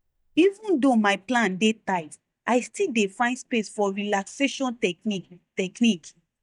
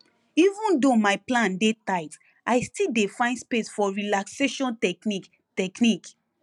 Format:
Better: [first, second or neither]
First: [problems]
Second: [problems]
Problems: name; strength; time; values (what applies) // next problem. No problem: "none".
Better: second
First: noise reduction (neural mask model DeepFilterNet 3)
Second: none